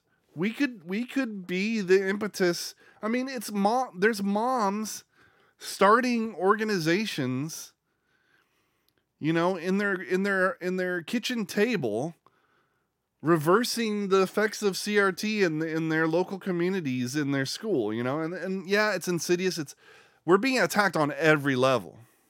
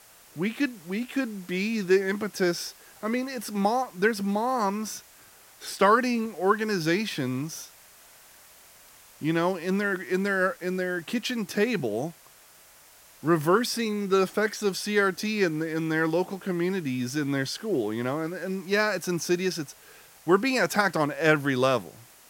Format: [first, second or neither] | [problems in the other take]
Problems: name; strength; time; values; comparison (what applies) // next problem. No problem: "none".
first | hiss; faint; throughout; 25 dB below the speech